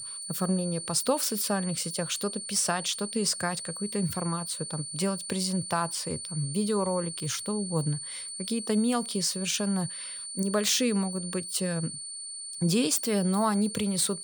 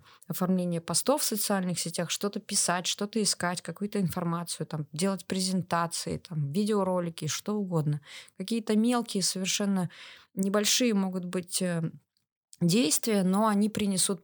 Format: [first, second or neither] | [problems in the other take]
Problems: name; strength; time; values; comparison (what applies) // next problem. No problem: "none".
second | high-pitched whine; loud; throughout; 9 kHz, 7 dB below the speech